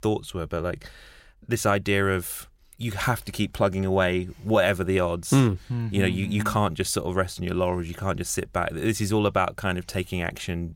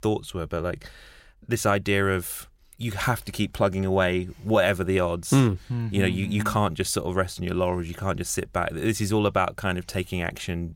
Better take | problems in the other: neither | none

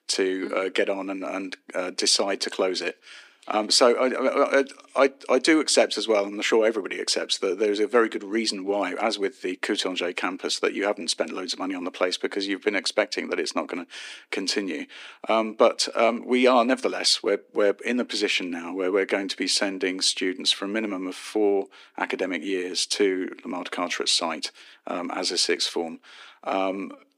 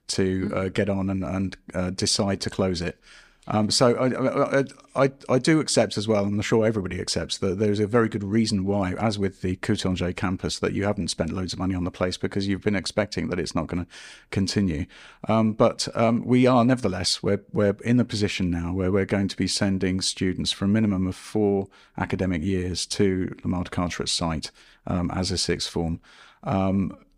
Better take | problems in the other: second | thin; somewhat; fading below 300 Hz

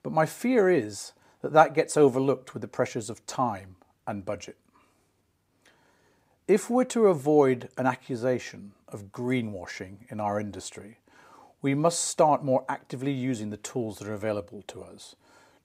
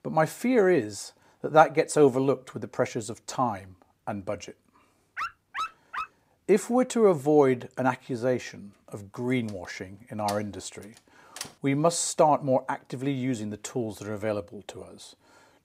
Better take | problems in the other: first | dog barking; noticeable; at 5 s; peak 8 dB below the speech // door banging; faint; from 9.5 to 11 s; peak 15 dB below the speech

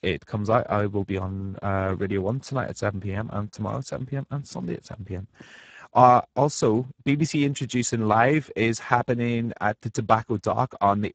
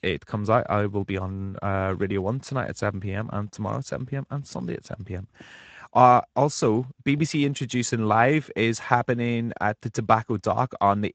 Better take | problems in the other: second | garbled, watery; badly; nothing above 7.5 kHz; slightly in the second

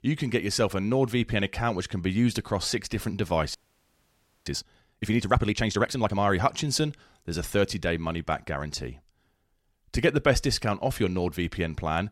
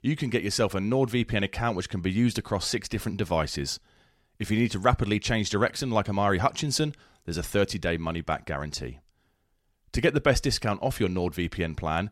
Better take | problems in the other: second | audio freezing; at 3.5 s for 1 s

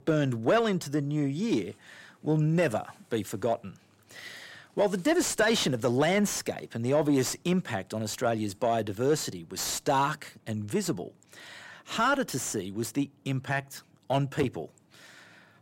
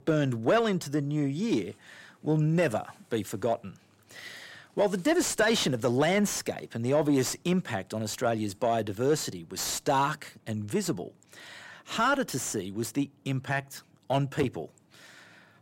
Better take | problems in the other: neither | distortion; slight; 10 dB below the speech; the same in both

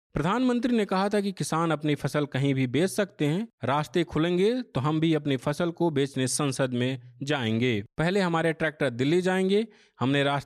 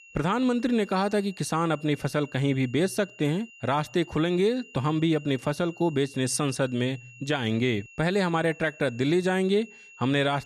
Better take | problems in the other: first | high-pitched whine; faint; throughout; 3 kHz, 20 dB below the speech

